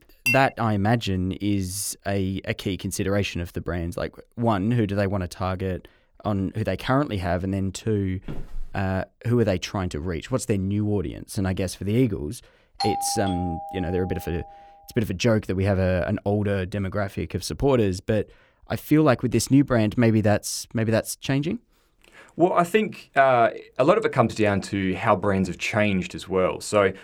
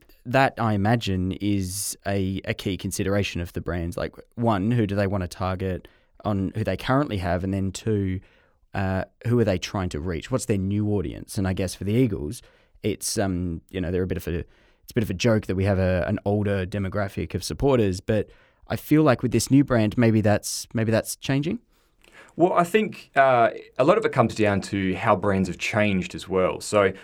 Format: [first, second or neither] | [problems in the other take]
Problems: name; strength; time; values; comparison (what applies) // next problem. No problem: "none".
second | clattering dishes; loud; at 0.5 s; peak level with the speech // footsteps; faint; at 8.5 s; peak 15 dB below the speech // doorbell; noticeable; from 13 to 14 s; peak 3 dB below the speech